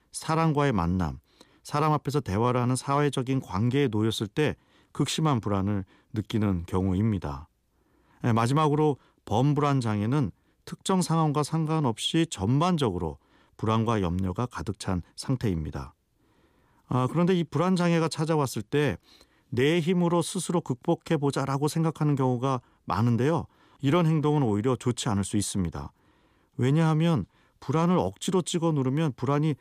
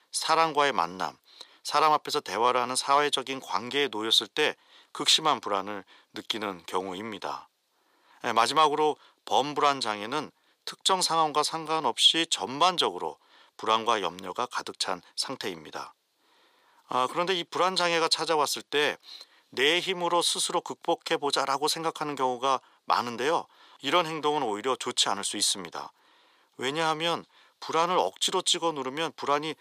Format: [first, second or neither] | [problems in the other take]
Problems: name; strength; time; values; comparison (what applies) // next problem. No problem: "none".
first | thin; very; fading below 650 Hz